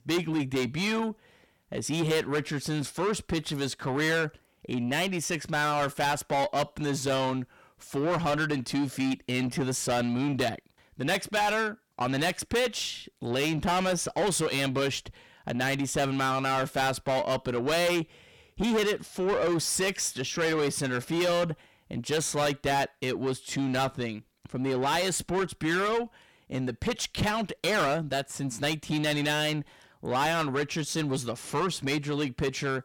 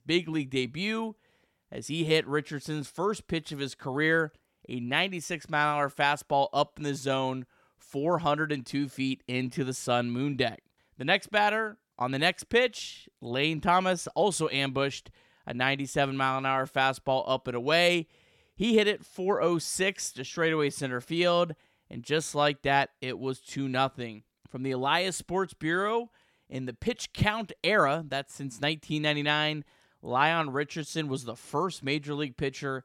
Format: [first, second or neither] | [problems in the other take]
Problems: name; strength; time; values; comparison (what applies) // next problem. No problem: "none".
second | distortion; heavy; 6 dB below the speech